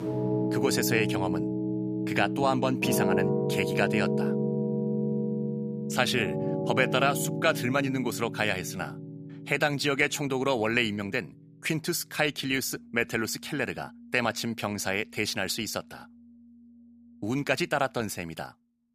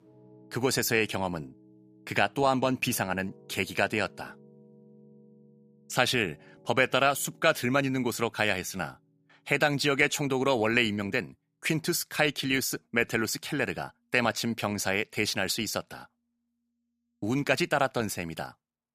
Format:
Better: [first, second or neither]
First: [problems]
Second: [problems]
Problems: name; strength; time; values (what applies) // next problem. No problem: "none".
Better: second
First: background music; loud; throughout; 2 dB below the speech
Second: background music; faint; throughout; 30 dB below the speech